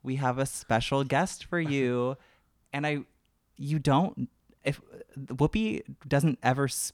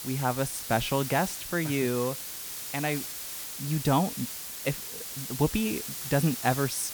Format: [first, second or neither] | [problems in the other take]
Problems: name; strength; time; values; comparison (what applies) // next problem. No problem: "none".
first | hiss; loud; throughout; 6 dB below the speech